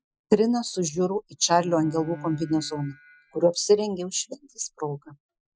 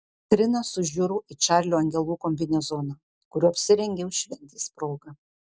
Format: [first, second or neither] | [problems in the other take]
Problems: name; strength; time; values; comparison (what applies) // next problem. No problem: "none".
second | noise reduction (classical method Wiener filter)